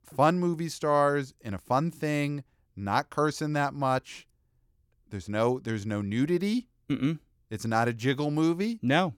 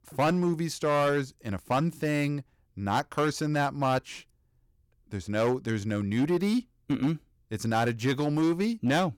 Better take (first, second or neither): first